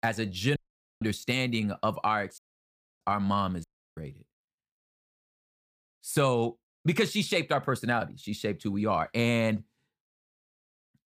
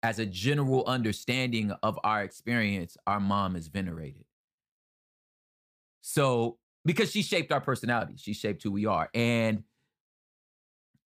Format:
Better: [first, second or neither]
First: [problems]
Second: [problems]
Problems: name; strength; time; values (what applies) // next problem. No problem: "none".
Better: second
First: audio cutting out; at 0.5 s, at 2.5 s for 0.5 s and at 3.5 s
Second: none